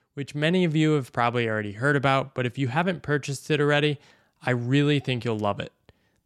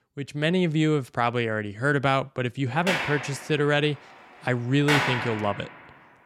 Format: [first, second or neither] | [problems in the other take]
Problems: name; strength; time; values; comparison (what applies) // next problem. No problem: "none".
first | door banging; loud; from 3 to 5.5 s; peak 2 dB above the speech